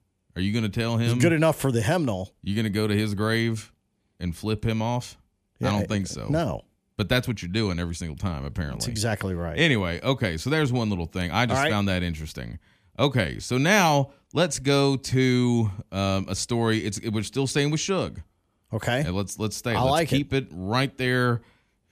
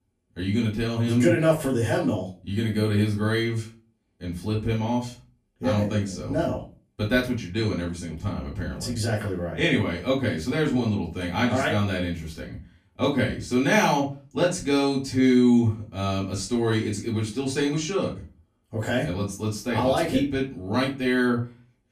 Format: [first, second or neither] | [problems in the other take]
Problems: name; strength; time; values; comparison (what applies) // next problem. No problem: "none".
first | off-mic speech; far // room echo; slight; dies away in 0.3 s